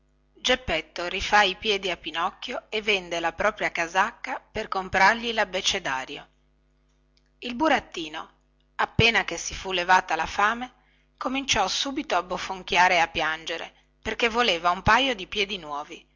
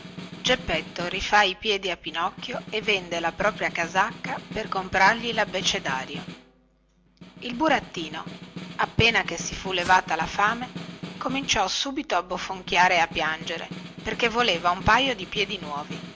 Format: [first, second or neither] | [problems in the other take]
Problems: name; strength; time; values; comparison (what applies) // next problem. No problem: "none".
first | background sound (Snare drum + Walk, footsteps); 14 dB below the speech